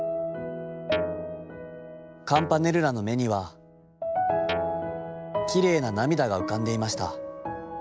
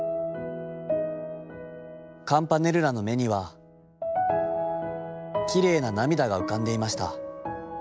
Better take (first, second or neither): second